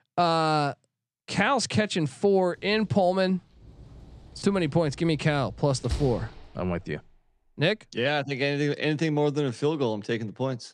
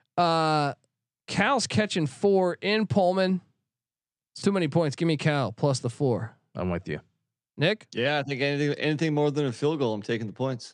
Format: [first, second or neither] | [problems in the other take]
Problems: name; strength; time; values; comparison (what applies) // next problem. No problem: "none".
second | door banging; noticeable; at 6 s; peak 8 dB below the speech